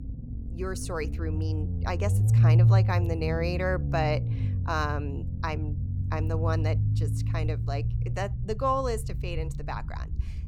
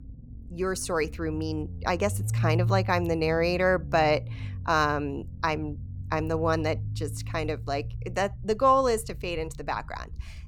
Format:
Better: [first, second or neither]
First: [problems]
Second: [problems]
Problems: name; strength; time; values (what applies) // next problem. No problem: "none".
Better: second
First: low rumble; loud; throughout; 9 dB below the speech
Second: low rumble; faint; throughout; 20 dB below the speech